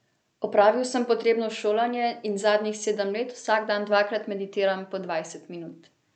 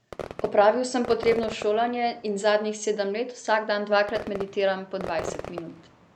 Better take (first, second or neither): first